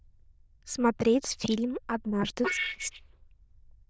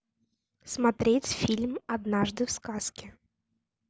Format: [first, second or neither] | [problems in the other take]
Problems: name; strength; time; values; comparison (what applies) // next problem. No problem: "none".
second | noise reduction (neural diffusion model UNIVERSE++)